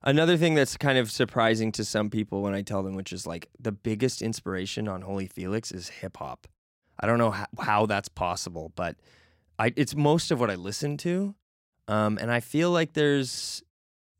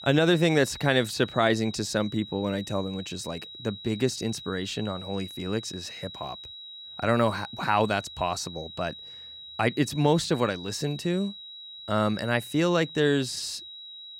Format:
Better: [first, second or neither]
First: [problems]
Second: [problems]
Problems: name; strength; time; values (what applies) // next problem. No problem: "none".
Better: first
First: none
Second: high-pitched whine; noticeable; throughout; 4 kHz, 15 dB below the speech